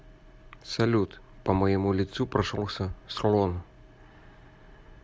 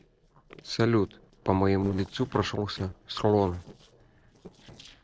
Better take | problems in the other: first | noise reduction (neural separator model SepFormer DNS4)

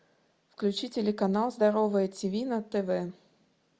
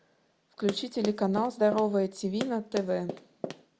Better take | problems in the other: first | background sound (Run); 10 dB below the speech

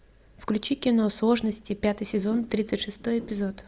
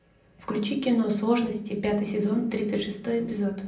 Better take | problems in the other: first | room echo; dies away in 0.6 s

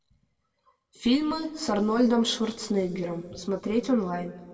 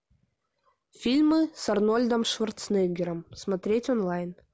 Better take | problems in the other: second | room echo; dies away in 1.2 s

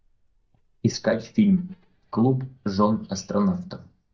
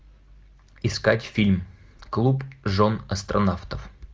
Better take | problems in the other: second | noise reduction (neural mask model DeepFilterNet 3)

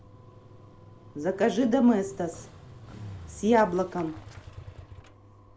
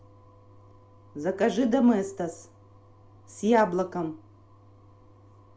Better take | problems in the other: second | background sound (Motorcycle); 18 dB below the speech

